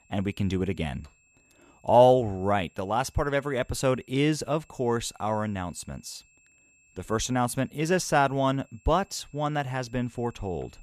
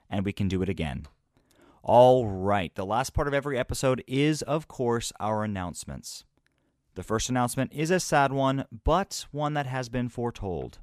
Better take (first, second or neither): second